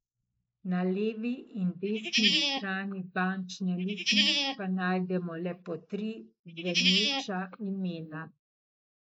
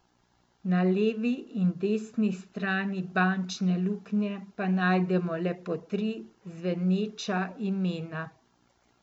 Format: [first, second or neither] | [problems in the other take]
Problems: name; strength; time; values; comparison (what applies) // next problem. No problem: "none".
second | noise reduction (neural mask model Resemble Enhance denoiser)